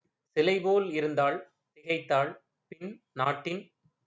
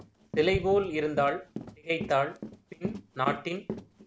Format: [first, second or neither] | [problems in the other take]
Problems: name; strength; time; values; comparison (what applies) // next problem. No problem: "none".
first | background sound (Explosion + Run); 10 dB below the speech